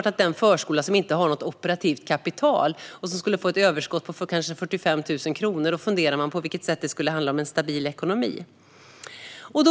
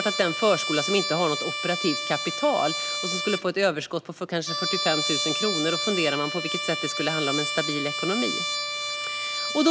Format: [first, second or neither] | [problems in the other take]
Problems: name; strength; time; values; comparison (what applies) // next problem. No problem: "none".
first | background sound (Trumpet); 2 dB below the speech